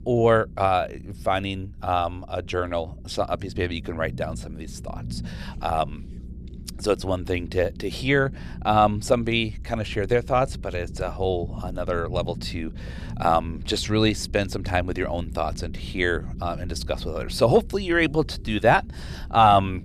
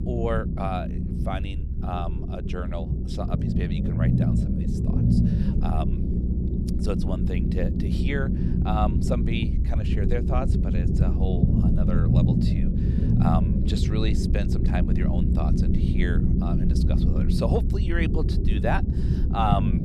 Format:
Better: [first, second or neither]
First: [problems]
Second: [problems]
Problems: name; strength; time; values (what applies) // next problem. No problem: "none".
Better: first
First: low rumble; faint; throughout; 25 dB below the speech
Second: low rumble; loud; throughout; 2 dB below the speech